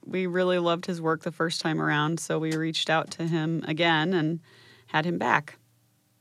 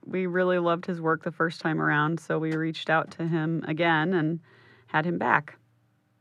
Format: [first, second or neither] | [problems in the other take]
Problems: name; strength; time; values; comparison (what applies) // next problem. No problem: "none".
first | muffled; slightly; fading above 3.5 kHz